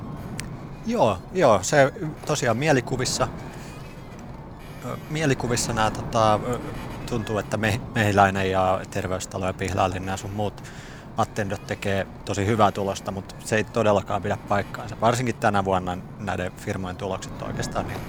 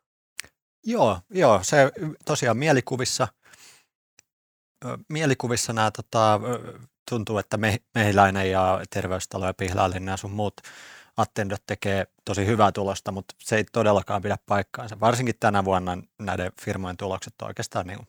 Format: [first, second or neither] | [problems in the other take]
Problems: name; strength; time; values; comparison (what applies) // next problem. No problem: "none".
second | wind noise on the microphone; occasional gusts; 15 dB below the speech